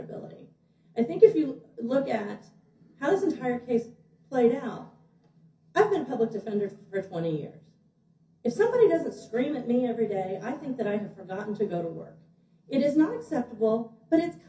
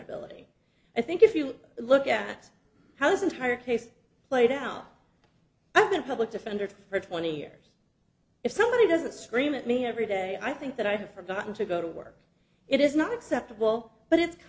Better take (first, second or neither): second